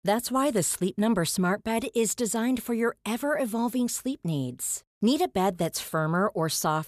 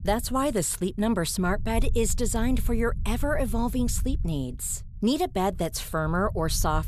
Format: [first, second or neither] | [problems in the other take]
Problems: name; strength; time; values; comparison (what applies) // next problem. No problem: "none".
first | low rumble; faint; throughout; 25 dB below the speech